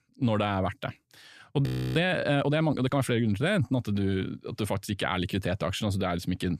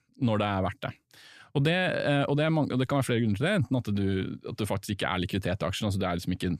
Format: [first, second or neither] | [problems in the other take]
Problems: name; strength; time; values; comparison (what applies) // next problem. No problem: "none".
second | audio freezing; at 1.5 s